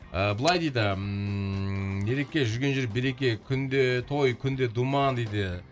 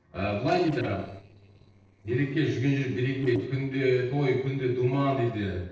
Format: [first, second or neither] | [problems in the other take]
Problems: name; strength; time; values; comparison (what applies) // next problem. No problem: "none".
first | noise reduction (neural separator model SepFormer DNS4)